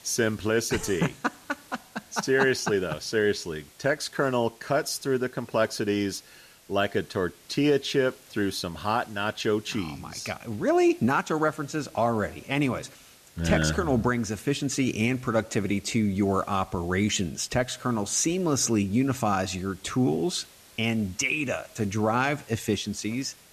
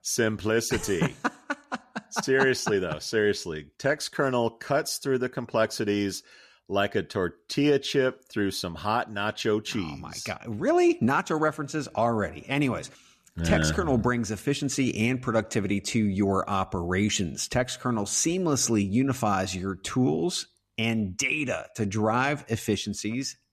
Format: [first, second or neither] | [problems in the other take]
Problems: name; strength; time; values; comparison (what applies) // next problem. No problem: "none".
second | hiss; faint; throughout; 25 dB below the speech